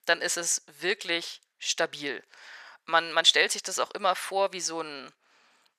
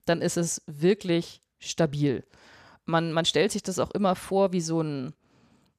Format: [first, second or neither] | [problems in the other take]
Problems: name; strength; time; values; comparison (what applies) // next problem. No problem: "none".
second | thin; very; fading below 750 Hz